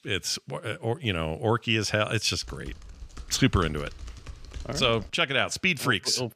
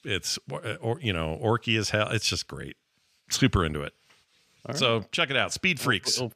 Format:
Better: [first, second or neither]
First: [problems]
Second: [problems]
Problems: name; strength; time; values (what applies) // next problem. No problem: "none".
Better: second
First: keyboard typing; faint; from 2.5 to 5 s; peak 15 dB below the speech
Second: none